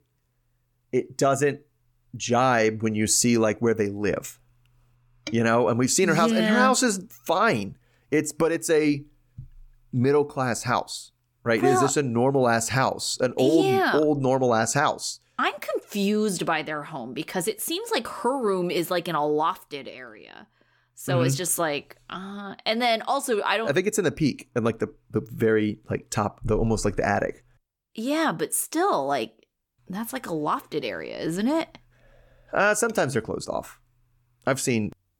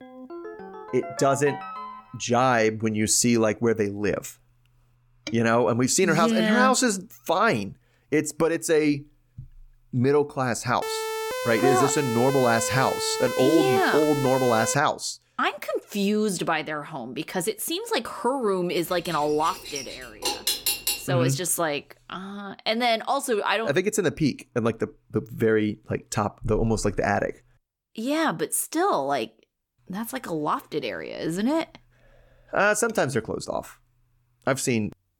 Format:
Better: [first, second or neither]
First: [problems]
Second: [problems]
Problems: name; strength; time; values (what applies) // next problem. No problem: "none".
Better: first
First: none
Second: phone ringing; faint; until 2 s; peak 10 dB below the speech // siren; noticeable; from 11 to 15 s; peak 5 dB below the speech // clattering dishes; loud; from 19 to 21 s; peak 1 dB above the speech